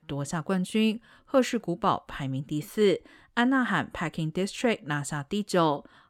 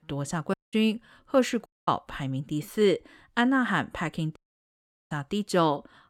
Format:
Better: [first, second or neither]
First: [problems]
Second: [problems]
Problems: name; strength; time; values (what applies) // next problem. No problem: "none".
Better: first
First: none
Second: audio cutting out; at 0.5 s, at 1.5 s and at 4.5 s for 1 s